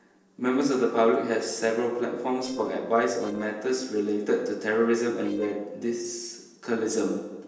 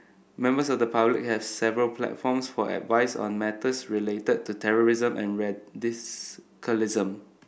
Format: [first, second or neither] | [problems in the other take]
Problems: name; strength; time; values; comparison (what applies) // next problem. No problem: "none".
second | noise reduction (neural separator model SepFormer DNS4)